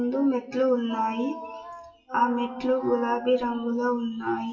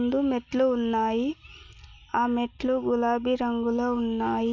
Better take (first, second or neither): second